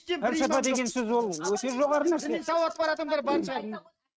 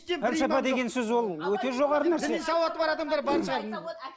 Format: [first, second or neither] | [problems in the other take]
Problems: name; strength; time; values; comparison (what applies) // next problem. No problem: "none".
second | noise reduction (neural mask model RNNoise)